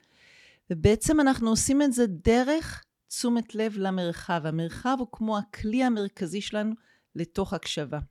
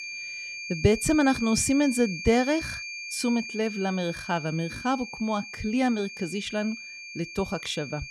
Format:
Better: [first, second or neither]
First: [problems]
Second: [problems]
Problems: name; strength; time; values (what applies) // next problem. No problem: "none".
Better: first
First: none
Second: high-pitched whine; loud; throughout; 2.5 kHz, 9 dB below the speech